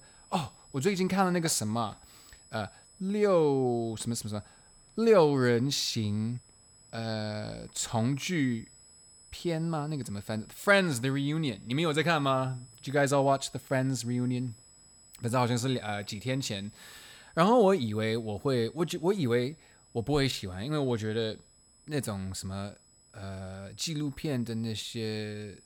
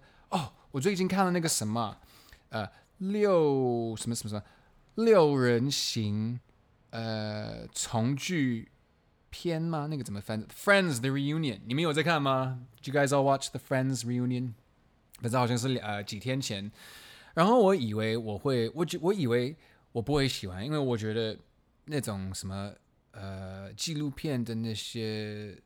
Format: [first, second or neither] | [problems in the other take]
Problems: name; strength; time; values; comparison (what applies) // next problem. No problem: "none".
second | high-pitched whine; faint; throughout; 8 kHz, 25 dB below the speech